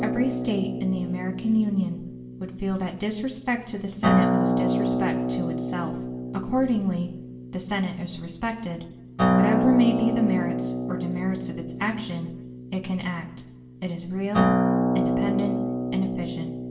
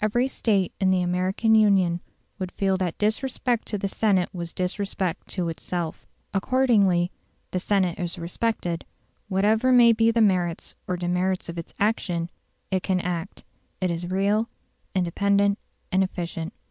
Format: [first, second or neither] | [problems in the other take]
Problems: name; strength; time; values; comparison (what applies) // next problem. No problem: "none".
second | background sound (Acoustic guitar); 1 dB above the speech // room echo; dies away in 0.7 s